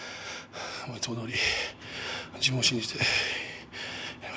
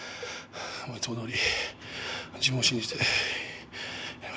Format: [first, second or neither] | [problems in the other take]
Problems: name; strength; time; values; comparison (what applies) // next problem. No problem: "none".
first | background sound (Cowbell); 20 dB below the speech